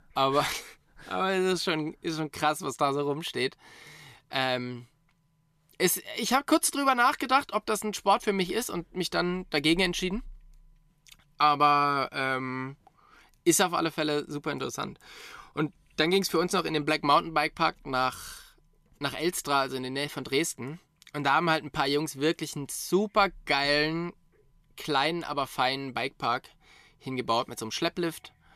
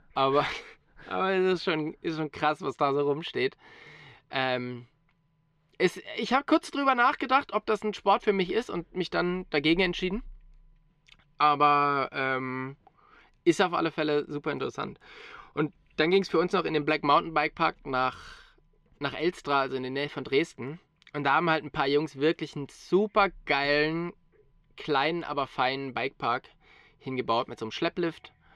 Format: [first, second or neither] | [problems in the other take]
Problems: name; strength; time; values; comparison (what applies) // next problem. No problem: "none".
first | muffled; slightly; fading above 3 kHz